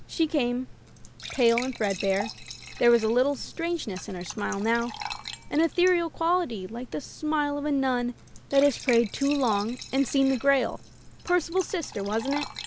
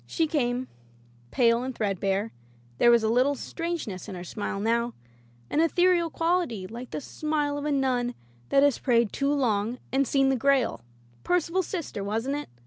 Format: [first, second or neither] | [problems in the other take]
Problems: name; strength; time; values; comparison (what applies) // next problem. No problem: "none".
second | background sound (Fill (with liquid) / Trickle, dribble / Glass); 14 dB below the speech